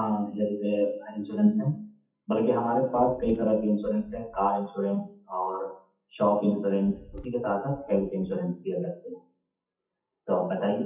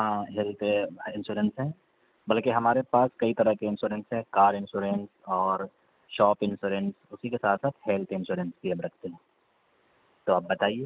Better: second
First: noise reduction (classical method WPE with log-MMSE)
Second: none

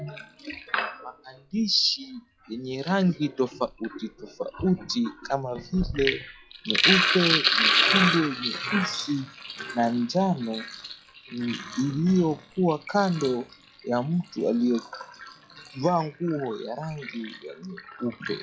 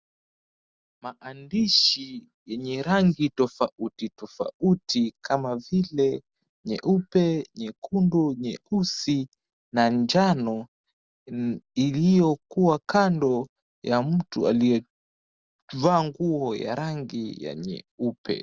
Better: second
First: noise reduction (classical method log-MMSE)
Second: none

